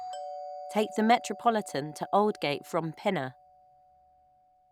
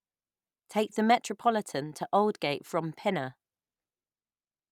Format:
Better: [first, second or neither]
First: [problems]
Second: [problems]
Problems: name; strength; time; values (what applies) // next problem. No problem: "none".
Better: second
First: background sound (Doorbell); 14 dB below the speech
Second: none